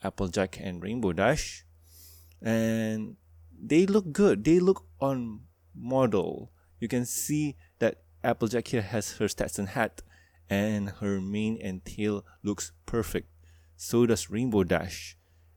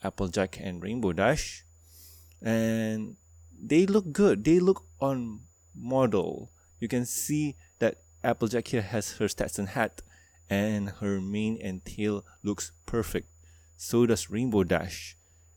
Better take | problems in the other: first | high-pitched whine; faint; throughout; 7 kHz, 35 dB below the speech

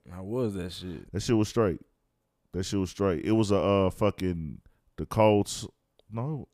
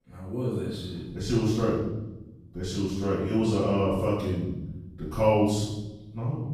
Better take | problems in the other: first | room echo; strong; dies away in 0.9 s // off-mic speech; far

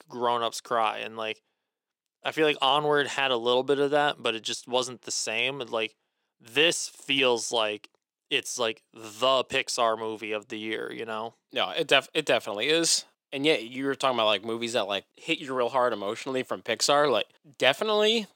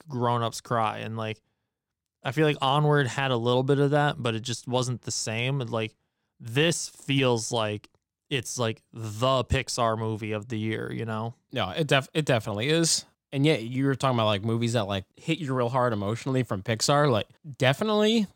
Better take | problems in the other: second | thin; somewhat; fading below 400 Hz

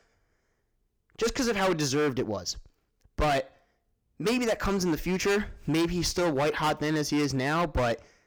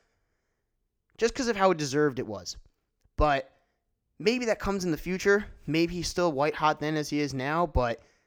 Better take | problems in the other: second | distortion; heavy; 14% of the sound clipped

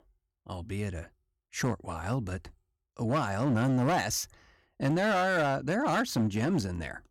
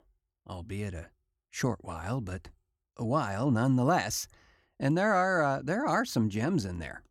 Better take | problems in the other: second | distortion; slight; 7% of the sound clipped

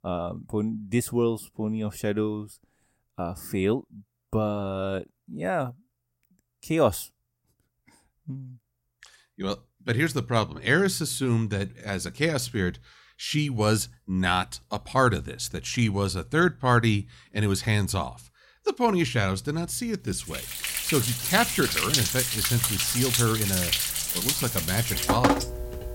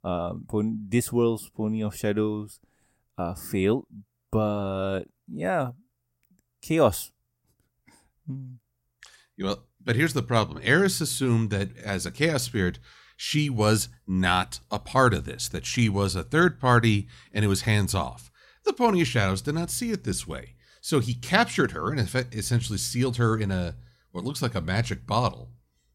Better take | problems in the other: second | rain or running water; very loud; from 21 s on; 2 dB above the speech

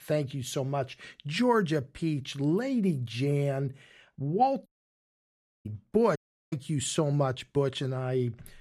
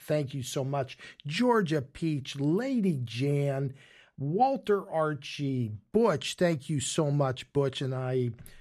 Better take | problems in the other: second | audio cutting out; at 4.5 s for 1 s and at 6 s

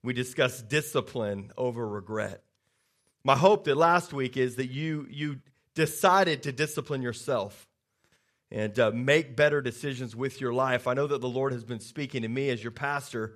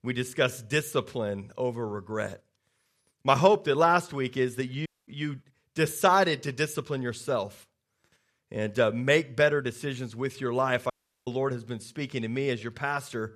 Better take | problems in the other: first | audio cutting out; at 5 s and at 11 s

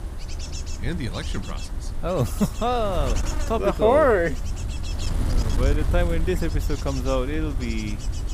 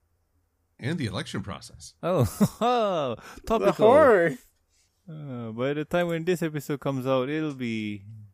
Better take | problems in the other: second | wind noise on the microphone; occasional gusts; 15 dB below the speech

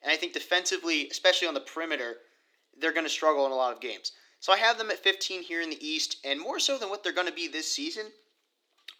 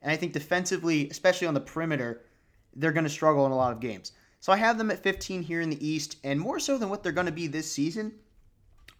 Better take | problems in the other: second | thin; somewhat; fading below 350 Hz

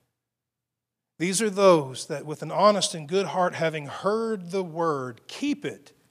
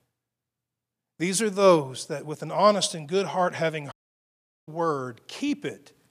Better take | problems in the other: first | audio cutting out; at 4 s for 1 s

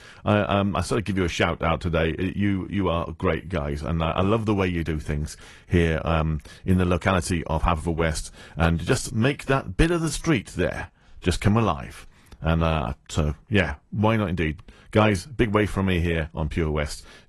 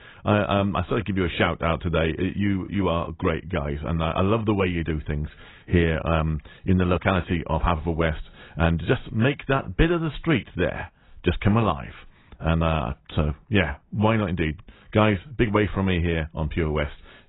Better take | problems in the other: first | garbled, watery; badly; nothing above 3.5 kHz; slightly in the first

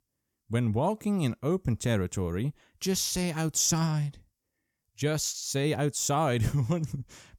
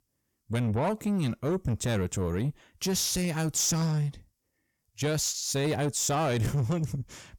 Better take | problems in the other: first | distortion; slight; 10 dB below the speech

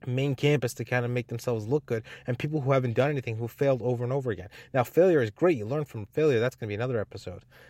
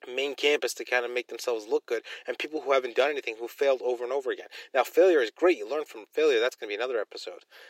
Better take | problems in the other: first | thin; very; fading below 350 Hz

